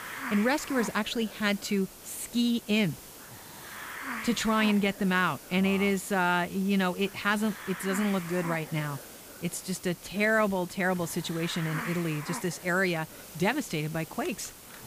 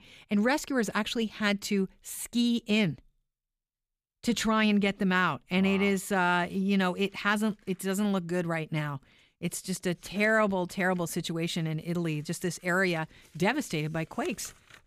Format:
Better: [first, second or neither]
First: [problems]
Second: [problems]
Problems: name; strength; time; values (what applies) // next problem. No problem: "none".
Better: second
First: hiss; noticeable; throughout; 10 dB below the speech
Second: none